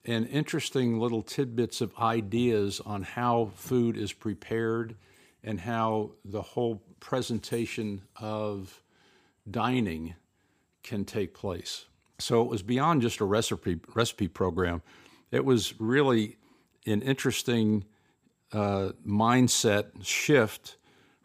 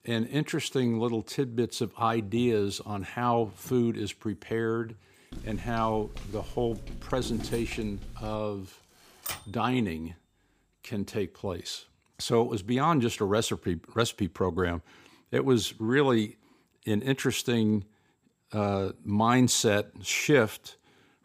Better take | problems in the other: first | footsteps; noticeable; from 5.5 to 8.5 s; peak 10 dB below the speech // keyboard typing; noticeable; at 9.5 s; peak 8 dB below the speech

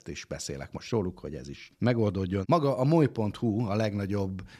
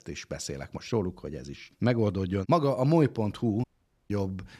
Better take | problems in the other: first | audio cutting out; at 3.5 s

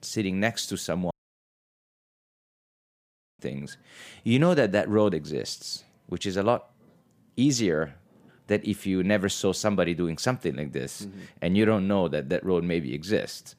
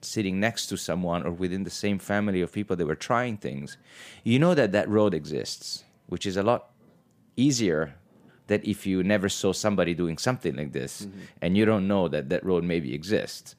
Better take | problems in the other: second | audio cutting out; at 1 s for 2.5 s

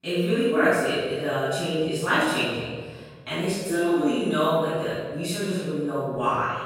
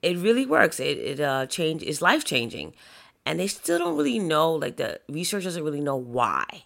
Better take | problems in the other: second | off-mic speech; far // room echo; strong; dies away in 1.6 s

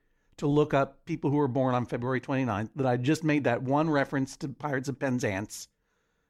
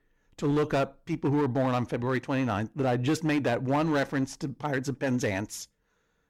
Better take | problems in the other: first | distortion; slight; 8% of the sound clipped

